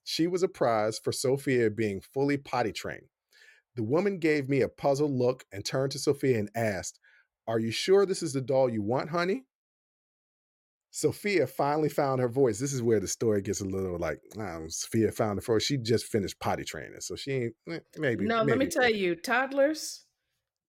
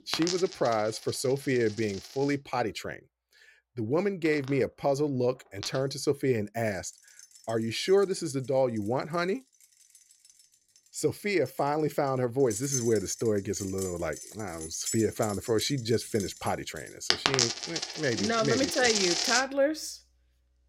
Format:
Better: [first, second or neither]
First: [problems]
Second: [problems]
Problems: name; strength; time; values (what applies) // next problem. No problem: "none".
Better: first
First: none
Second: household noises; loud; throughout; 3 dB below the speech